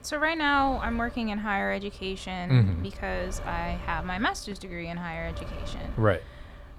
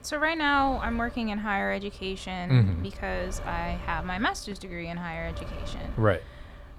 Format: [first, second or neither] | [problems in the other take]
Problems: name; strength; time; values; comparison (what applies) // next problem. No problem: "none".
neither | wind noise on the microphone; occasional gusts; 15 dB below the speech; the same in both